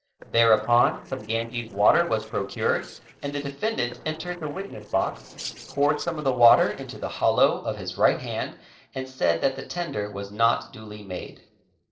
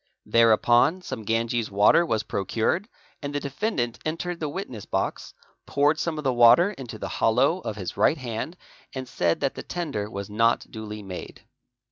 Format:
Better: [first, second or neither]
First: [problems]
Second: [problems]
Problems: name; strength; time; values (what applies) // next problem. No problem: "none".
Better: second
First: noise reduction (neural separator model SepFormer DNS4)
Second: none